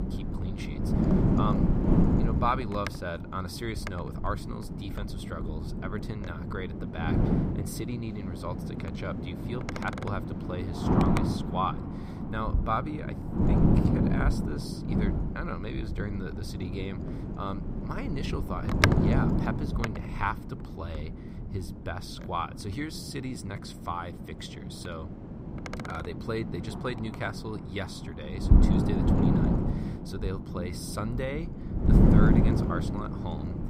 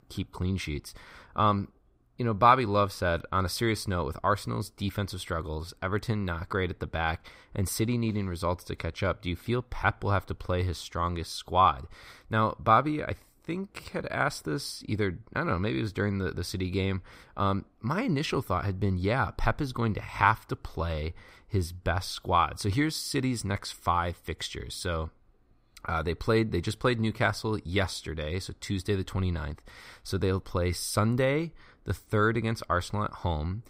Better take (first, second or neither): second